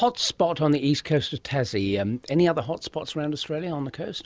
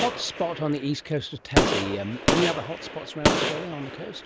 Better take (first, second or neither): first